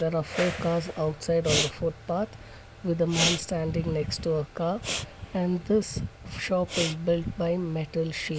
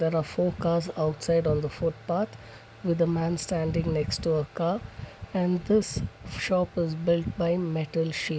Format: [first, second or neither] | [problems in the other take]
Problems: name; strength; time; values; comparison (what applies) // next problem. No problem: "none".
second | background sound (Whoosh, swoosh, swish + Respiratory sounds); 8 dB below the speech